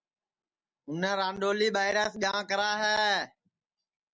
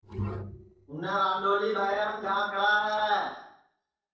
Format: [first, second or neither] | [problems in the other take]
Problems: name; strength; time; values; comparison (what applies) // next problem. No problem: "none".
first | noise reduction (neural separator model SepFormer DNS4)